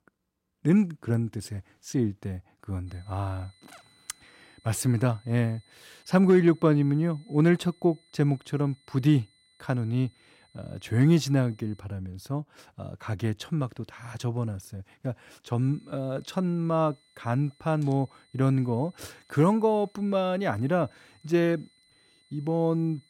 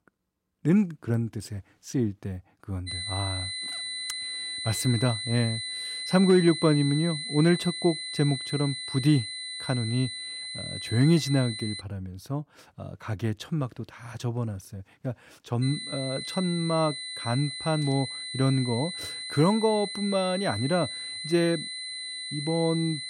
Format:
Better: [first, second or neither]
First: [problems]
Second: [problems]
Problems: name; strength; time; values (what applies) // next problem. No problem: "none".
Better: first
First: high-pitched whine; faint; from 3 to 12 s and from 16 s on; 4 kHz, 35 dB below the speech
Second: high-pitched whine; loud; from 3 to 12 s and from 16 s on; 4 kHz, 6 dB below the speech